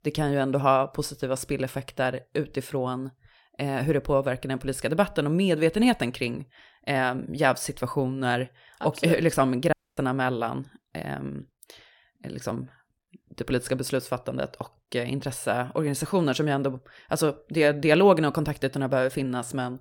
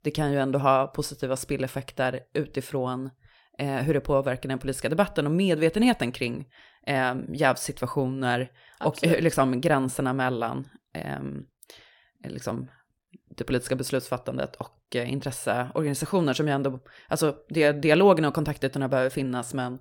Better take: second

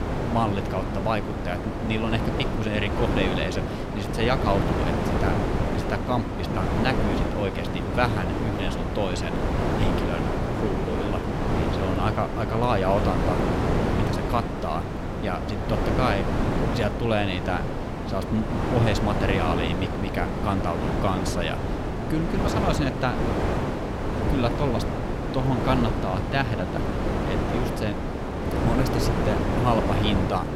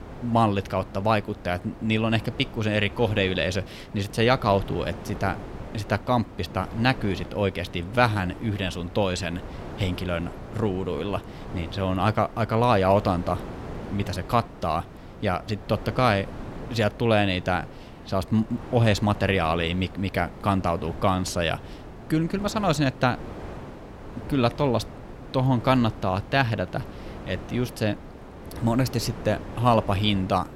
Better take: second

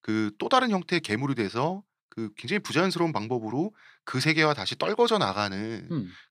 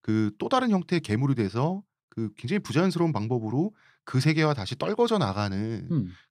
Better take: second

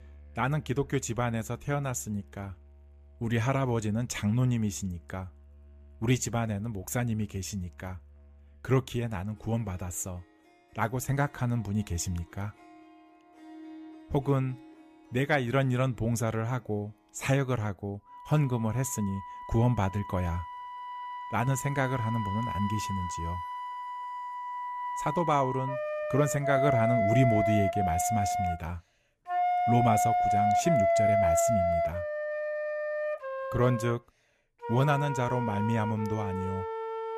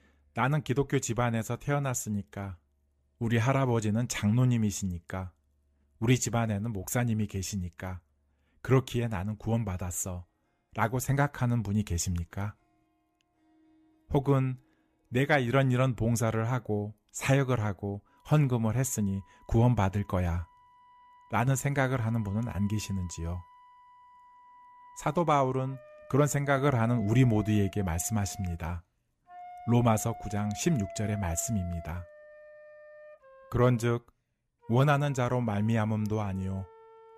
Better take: second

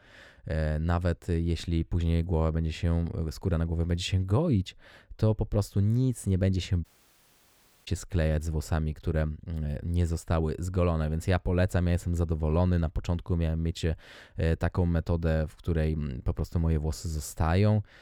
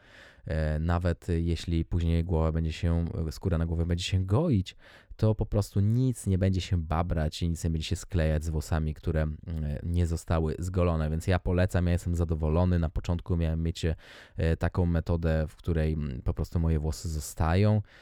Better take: second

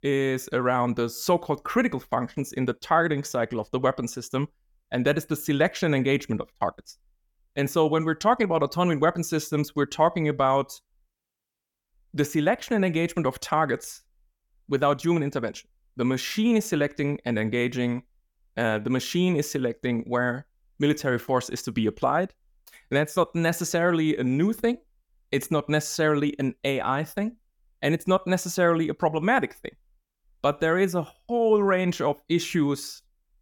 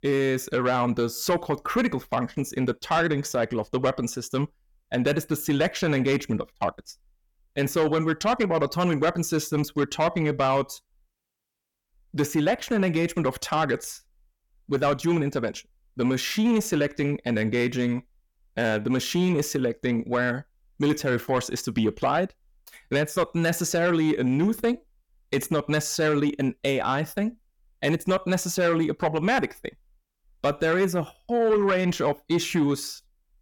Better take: first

